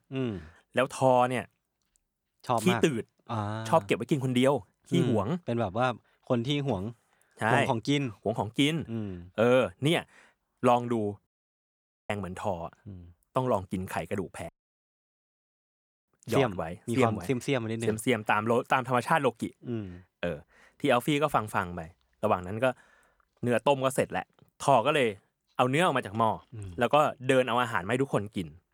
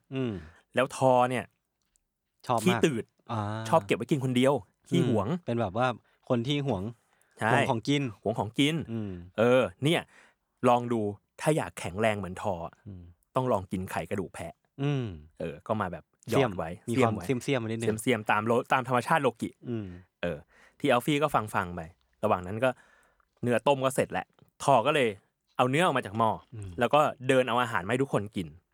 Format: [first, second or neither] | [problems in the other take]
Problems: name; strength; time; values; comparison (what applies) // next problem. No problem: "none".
second | audio cutting out; at 11 s for 1 s and at 14 s for 1.5 s